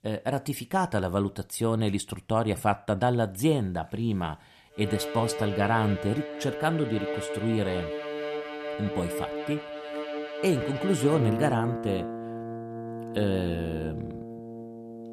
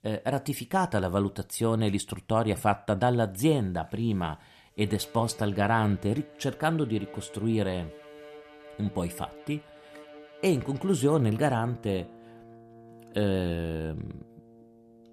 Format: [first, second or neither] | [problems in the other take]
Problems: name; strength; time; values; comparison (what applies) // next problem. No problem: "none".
second | background music; loud; from 5 s on; 6 dB below the speech; faint in the second